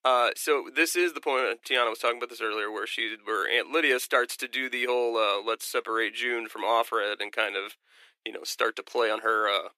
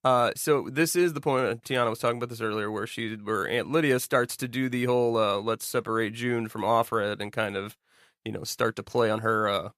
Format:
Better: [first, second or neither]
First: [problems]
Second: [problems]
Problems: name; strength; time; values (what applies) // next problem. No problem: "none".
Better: second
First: thin; very; fading below 300 Hz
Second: none